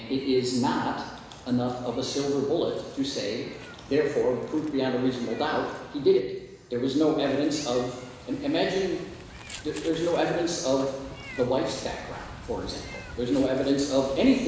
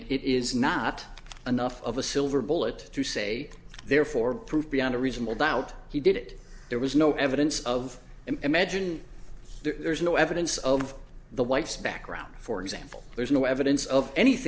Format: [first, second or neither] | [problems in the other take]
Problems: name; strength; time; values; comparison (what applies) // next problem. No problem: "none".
second | background sound (Meow); 18 dB below the speech // room echo; dies away in 1 s